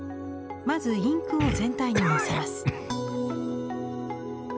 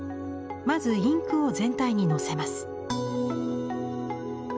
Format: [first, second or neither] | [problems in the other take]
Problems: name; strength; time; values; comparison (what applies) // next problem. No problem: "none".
second | background sound (Cough); 4 dB below the speech